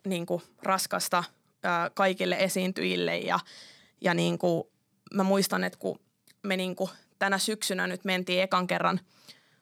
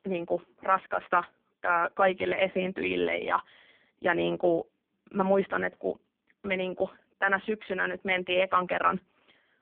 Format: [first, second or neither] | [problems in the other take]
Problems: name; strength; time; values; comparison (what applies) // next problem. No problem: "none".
first | phone-call audio; poor line